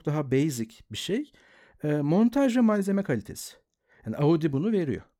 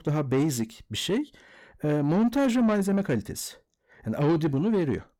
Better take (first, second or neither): first